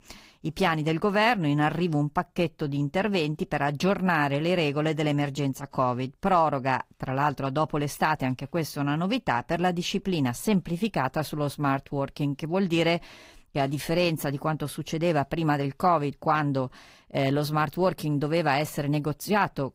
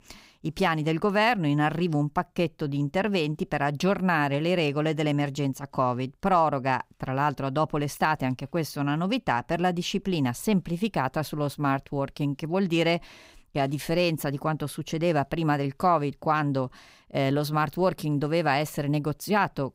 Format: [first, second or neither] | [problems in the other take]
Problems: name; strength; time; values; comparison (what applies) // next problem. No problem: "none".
second | garbled, watery; slightly; nothing above 15.5 kHz